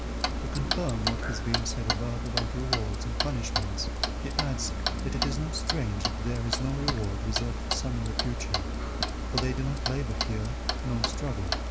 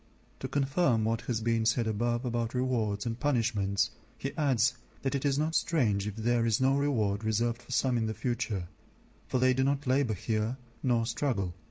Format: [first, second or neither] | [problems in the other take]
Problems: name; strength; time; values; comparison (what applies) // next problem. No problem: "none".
second | background sound (Clock); 3 dB above the speech